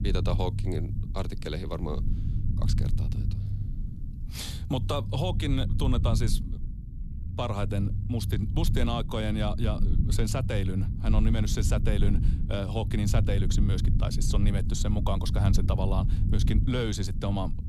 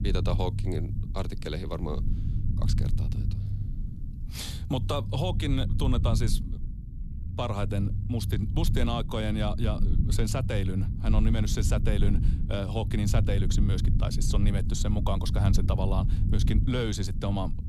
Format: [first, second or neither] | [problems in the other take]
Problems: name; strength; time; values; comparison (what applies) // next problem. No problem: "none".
neither | low rumble; loud; throughout; 9 dB below the speech; the same in both